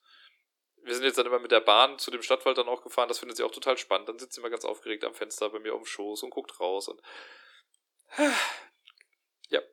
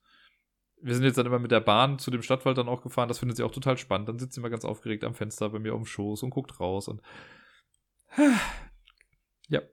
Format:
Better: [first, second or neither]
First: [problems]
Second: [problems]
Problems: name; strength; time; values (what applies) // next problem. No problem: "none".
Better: second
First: thin; somewhat; fading below 350 Hz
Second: none